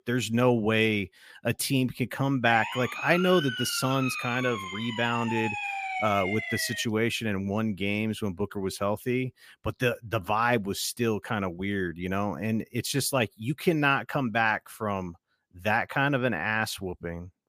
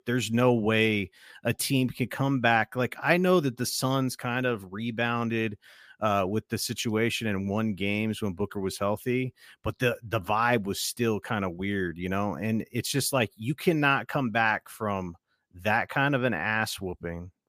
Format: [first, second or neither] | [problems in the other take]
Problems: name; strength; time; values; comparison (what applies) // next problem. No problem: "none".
second | siren; noticeable; from 2.5 to 7 s; peak 3 dB below the speech